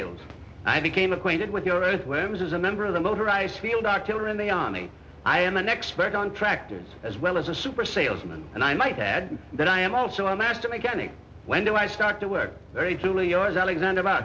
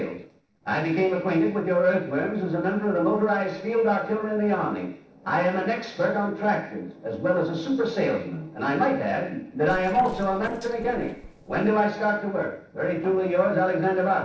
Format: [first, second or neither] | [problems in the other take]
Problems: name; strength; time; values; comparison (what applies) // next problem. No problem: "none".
first | noise reduction (neural separator model SepFormer DNS4)